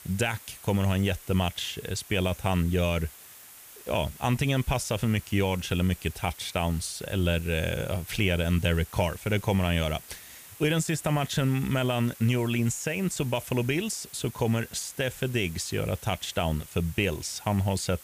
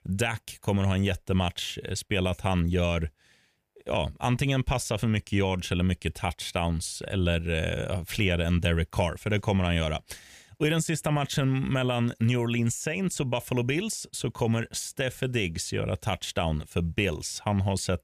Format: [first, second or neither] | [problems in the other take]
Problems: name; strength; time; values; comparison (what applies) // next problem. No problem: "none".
second | hiss; noticeable; throughout; 20 dB below the speech